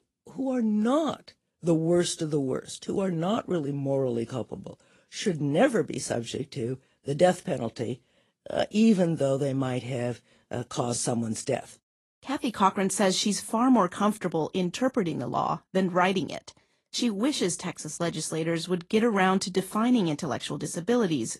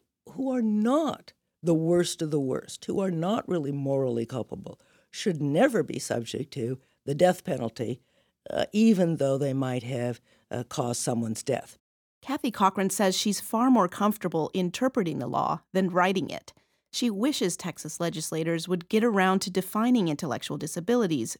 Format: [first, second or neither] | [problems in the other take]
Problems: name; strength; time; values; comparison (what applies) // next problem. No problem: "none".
second | garbled, watery; slightly; nothing above 11 kHz